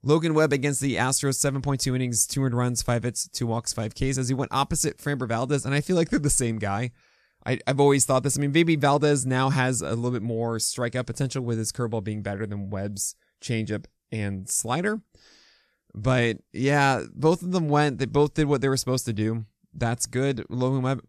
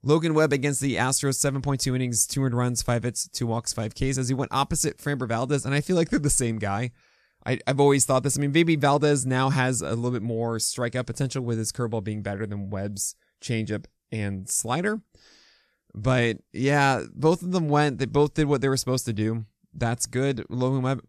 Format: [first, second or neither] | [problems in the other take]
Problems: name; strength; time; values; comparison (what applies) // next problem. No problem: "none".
neither | none